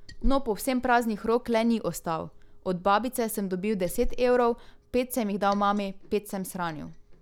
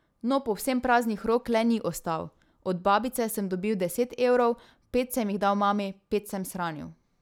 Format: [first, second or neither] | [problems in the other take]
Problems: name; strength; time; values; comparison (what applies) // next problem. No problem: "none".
second | background sound (Liquid); 9 dB below the speech